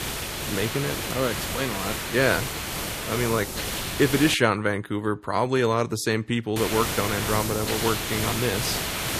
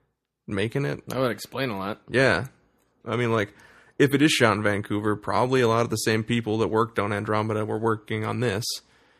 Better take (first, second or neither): second